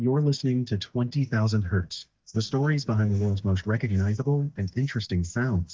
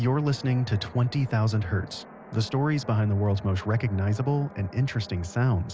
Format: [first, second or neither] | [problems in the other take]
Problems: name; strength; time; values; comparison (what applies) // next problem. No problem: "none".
second | noise reduction (neural mask model DeepFilterNet 3)